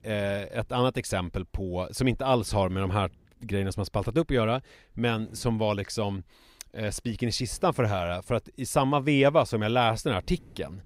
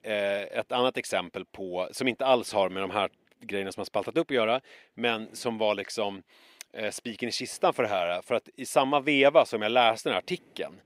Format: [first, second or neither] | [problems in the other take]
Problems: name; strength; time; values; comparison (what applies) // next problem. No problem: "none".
first | thin; somewhat; fading below 300 Hz